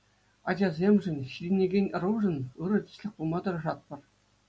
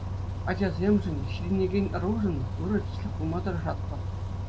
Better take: first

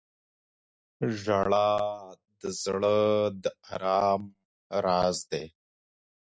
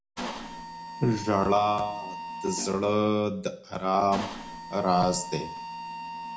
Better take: first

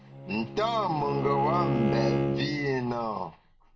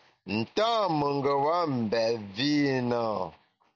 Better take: second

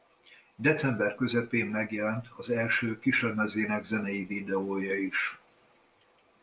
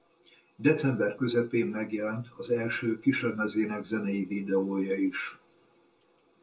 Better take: first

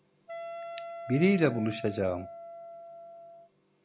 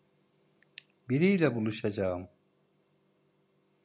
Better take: second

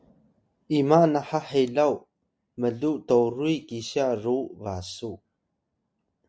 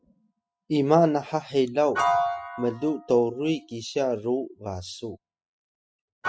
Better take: first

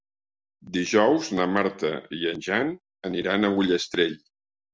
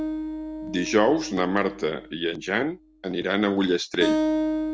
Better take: first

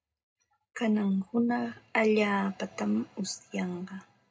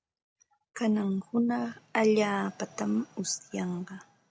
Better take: second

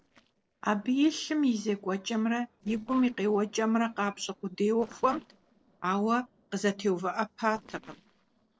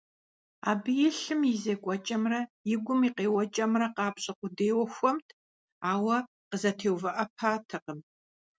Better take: second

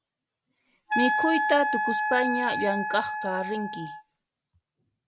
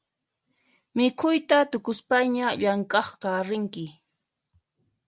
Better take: second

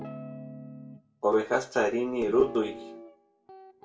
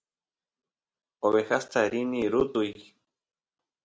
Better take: second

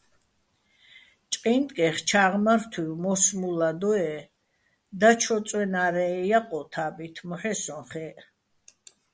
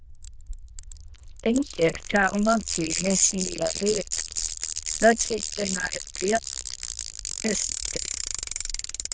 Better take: first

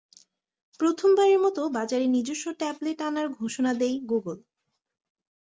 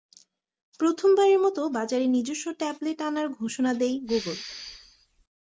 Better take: first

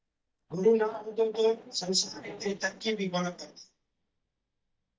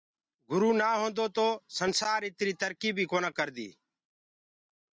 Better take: second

